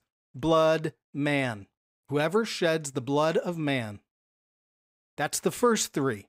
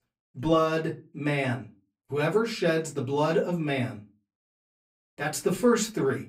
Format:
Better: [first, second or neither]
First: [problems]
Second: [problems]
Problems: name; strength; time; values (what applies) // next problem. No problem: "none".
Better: first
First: none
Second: off-mic speech; far // room echo; very slight; dies away in 0.2 s